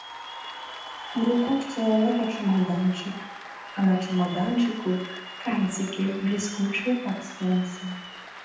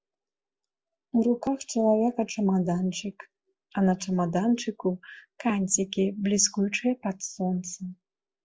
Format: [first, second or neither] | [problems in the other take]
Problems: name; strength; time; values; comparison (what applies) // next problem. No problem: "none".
second | background sound (Applause / Cheering); 13 dB below the speech // room echo; dies away in 0.9 s